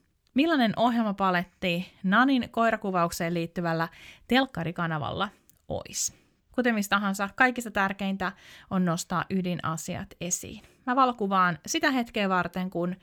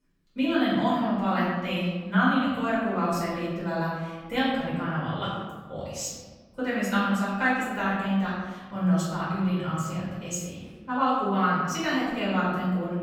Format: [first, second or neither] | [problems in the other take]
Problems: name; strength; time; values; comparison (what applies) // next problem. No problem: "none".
first | room echo; strong; dies away in 1.3 s // off-mic speech; far